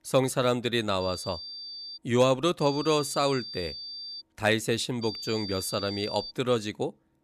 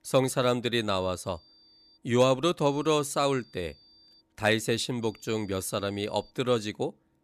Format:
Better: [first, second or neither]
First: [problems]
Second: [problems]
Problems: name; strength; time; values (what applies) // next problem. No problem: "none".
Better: second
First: high-pitched whine; loud; at 1 s, from 2.5 to 4 s and from 5 to 6.5 s; 4.5 kHz, 9 dB below the speech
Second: high-pitched whine; faint; at 1 s, from 2.5 to 4 s and from 5 to 6.5 s; 4.5 kHz, 30 dB below the speech